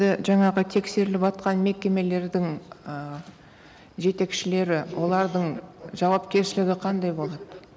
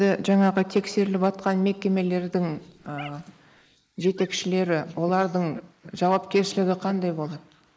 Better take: first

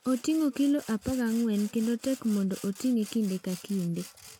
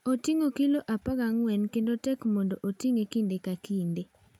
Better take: second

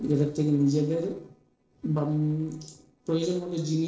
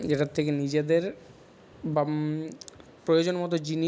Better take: second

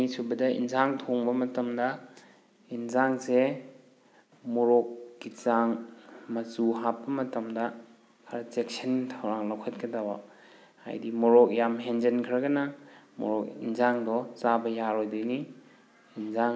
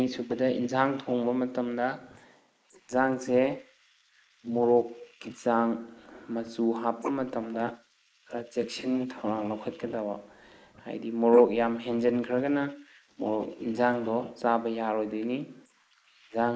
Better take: first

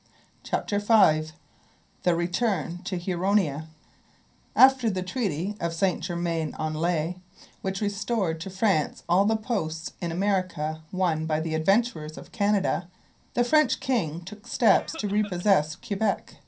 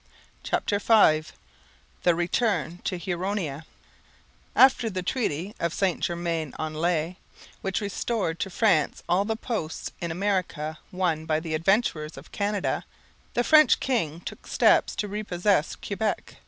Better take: second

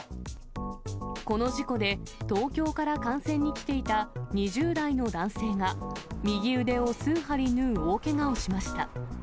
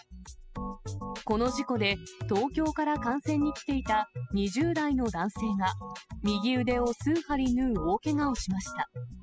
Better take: first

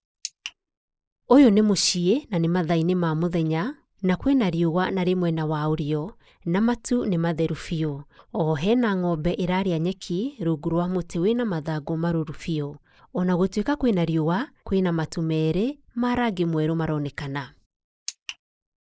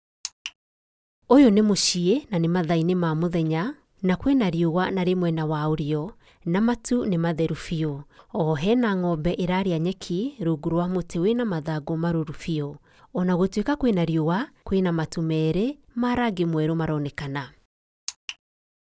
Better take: second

